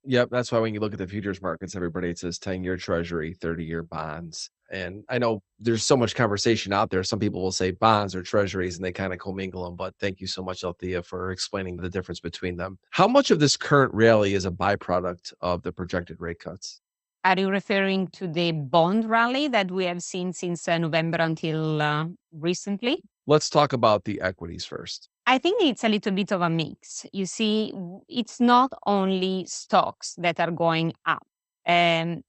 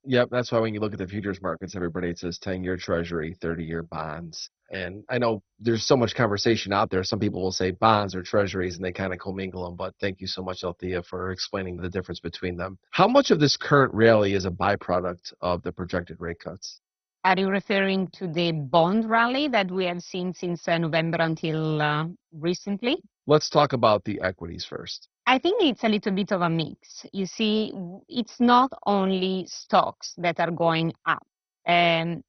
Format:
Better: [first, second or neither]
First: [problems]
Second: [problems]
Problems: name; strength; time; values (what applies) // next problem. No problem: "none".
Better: first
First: garbled, watery; slightly; nothing above 8 kHz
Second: garbled, watery; badly; nothing above 6 kHz